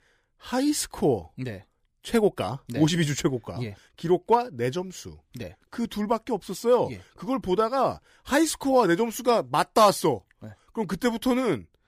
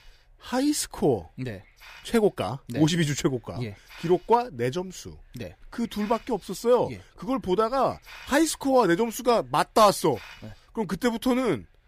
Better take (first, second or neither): first